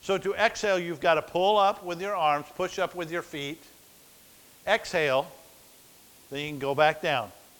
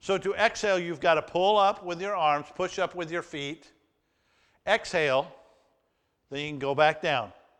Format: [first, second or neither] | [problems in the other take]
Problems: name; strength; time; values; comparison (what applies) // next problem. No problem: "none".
second | hiss; faint; throughout; 25 dB below the speech